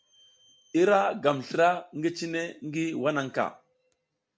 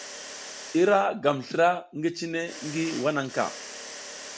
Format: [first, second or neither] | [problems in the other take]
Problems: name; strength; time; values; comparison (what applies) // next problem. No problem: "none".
first | background sound (Mechanisms); 15 dB below the speech